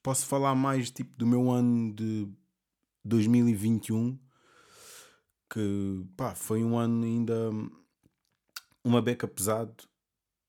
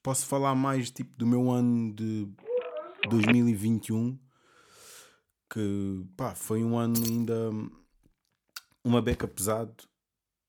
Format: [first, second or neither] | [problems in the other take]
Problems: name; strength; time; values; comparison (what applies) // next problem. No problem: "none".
first | phone ringing; loud; at 2.5 s; peak level with the speech // jangling keys; noticeable; at 7 s; peak 5 dB below the speech // footsteps; noticeable; at 9 s; peak 10 dB below the speech